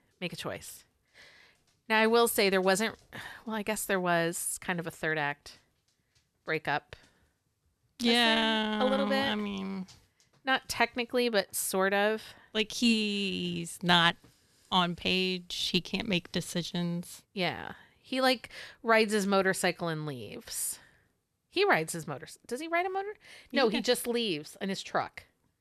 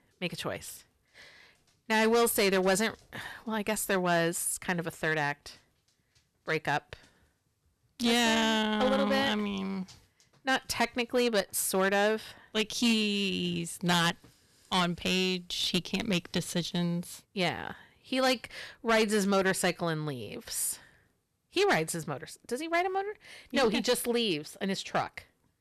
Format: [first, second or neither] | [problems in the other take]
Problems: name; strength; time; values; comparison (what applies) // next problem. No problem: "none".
first | distortion; slight; 5% of the sound clipped